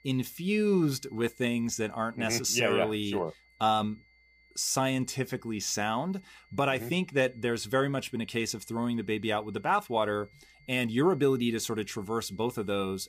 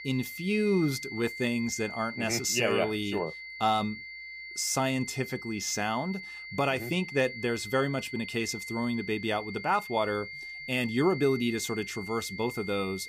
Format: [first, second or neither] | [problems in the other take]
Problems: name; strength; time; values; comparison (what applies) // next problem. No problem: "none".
first | high-pitched whine; loud; throughout; 2 kHz, 9 dB below the speech; faint in the first